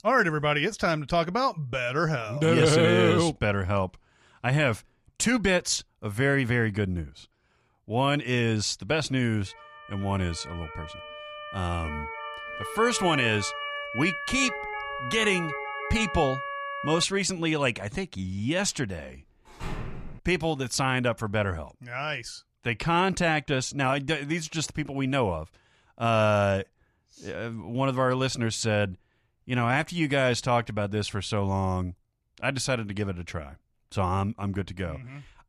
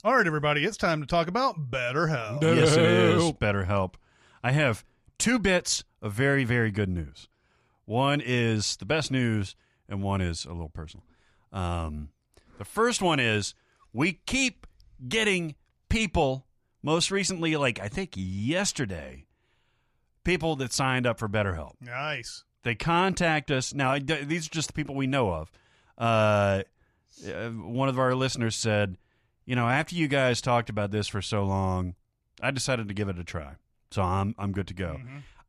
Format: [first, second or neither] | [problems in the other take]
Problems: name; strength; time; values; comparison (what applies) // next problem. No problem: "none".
second | siren; noticeable; from 9.5 to 17 s; peak 5 dB below the speech // door banging; faint; at 20 s; peak 10 dB below the speech